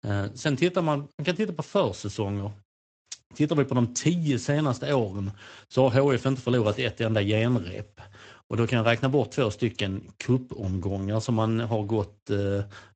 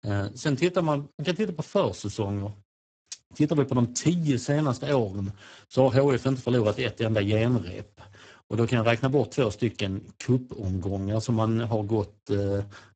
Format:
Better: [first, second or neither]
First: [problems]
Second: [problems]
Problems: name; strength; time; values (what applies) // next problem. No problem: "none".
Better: first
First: garbled, watery; slightly; nothing above 7.5 kHz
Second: garbled, watery; badly; nothing above 7.5 kHz